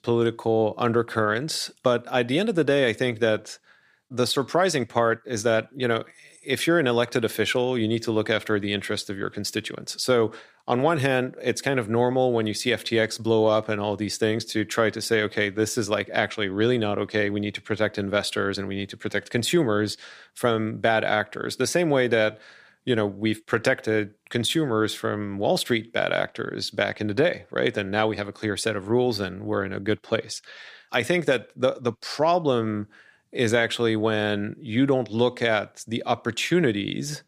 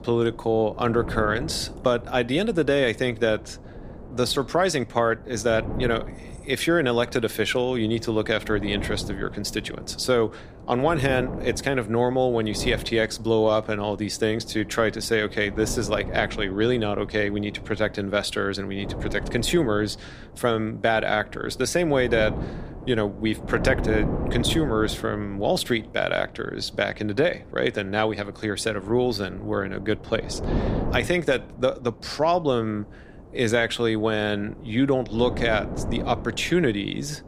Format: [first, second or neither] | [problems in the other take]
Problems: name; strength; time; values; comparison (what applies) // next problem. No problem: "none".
first | wind noise on the microphone; occasional gusts; 15 dB below the speech